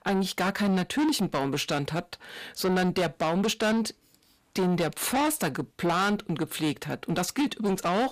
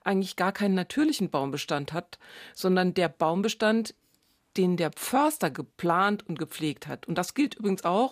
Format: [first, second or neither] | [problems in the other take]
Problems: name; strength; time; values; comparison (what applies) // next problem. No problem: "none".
second | distortion; heavy; 7 dB below the speech